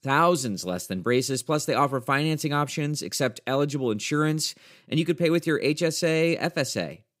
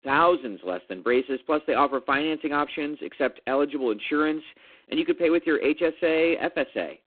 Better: first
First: none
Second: phone-call audio; poor line; nothing above 3.5 kHz

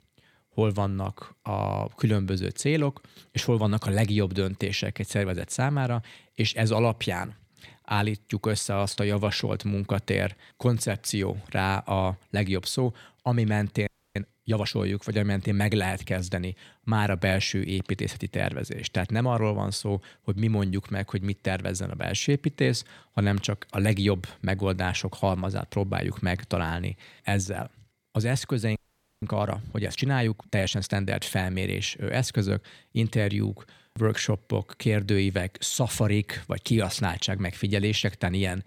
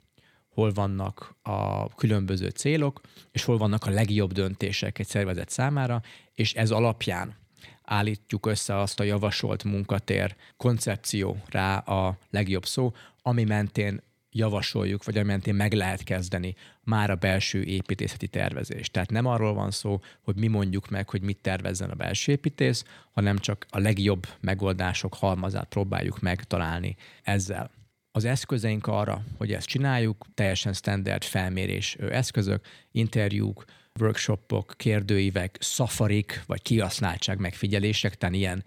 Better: second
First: audio freezing; at 14 s and at 29 s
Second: none

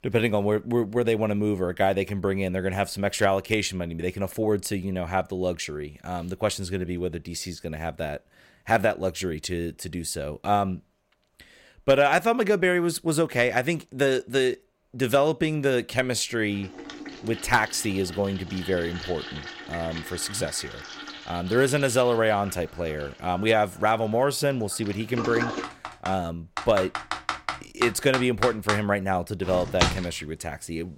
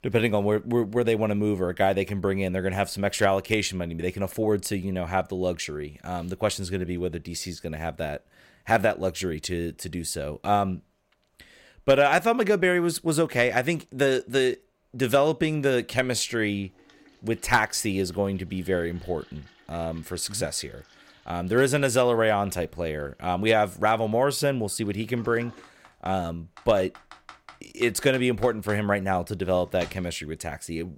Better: second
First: household noises; loud; from 17 s on; 8 dB below the speech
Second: household noises; faint; from 17 s on; 25 dB below the speech

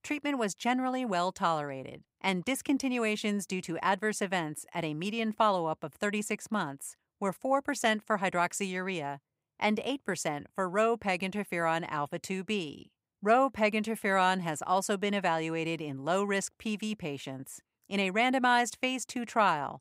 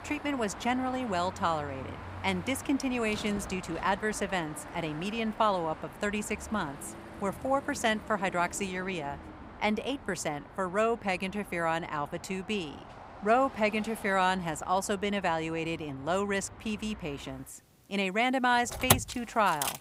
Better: first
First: none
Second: traffic noise; loud; throughout; 10 dB below the speech

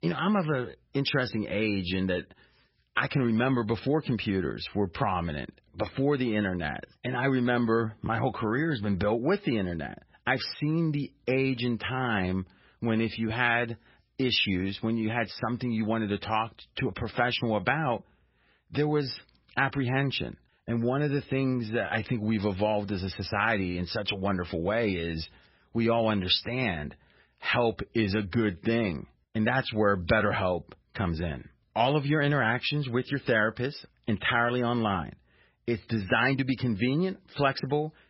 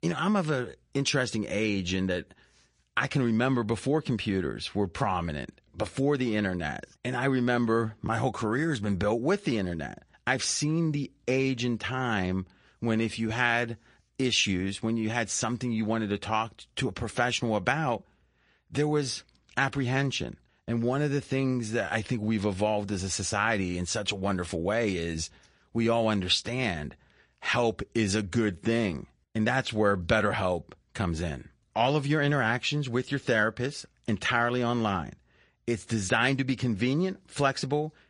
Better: second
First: garbled, watery; badly; nothing above 5.5 kHz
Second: garbled, watery; slightly; nothing above 10 kHz

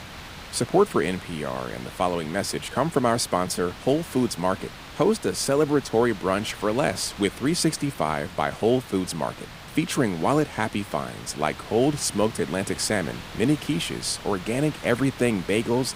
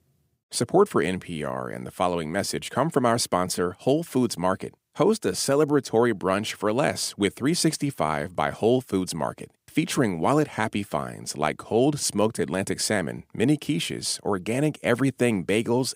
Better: second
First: hiss; noticeable; throughout; 15 dB below the speech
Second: none

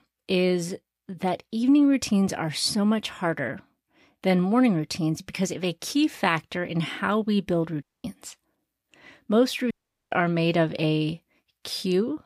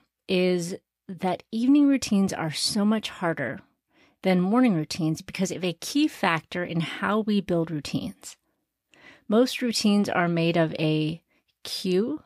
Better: second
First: audio cutting out; at 8 s and at 9.5 s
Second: none

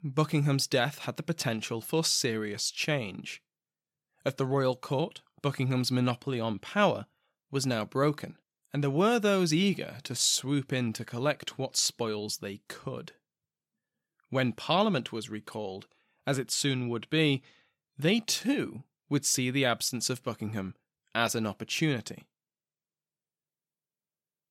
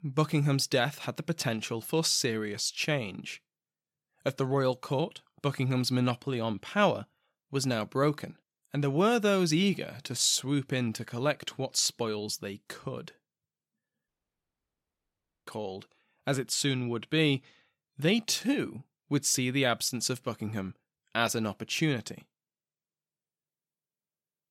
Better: first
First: none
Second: audio cutting out; at 14 s for 1.5 s

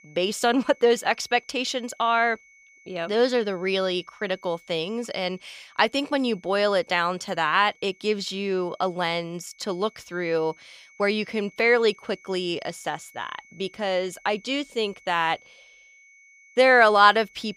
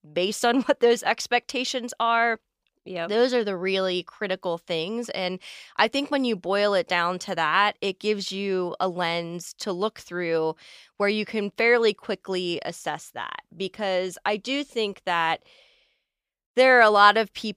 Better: second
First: high-pitched whine; faint; throughout; 2 kHz, 30 dB below the speech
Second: none

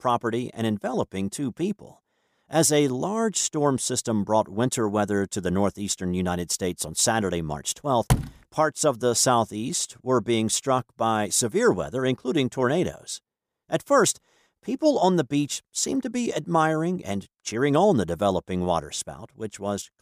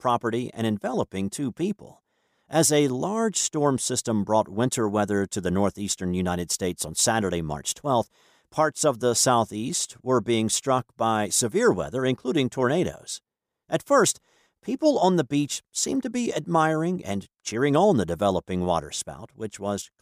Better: second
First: door banging; noticeable; at 8 s; peak 1 dB below the speech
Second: none

